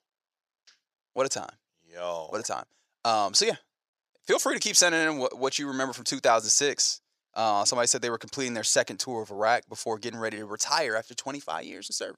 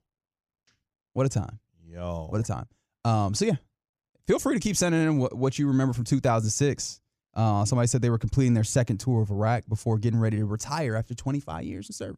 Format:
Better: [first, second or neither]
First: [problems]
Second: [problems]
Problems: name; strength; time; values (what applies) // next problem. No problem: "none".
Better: second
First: thin; very; fading below 600 Hz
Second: none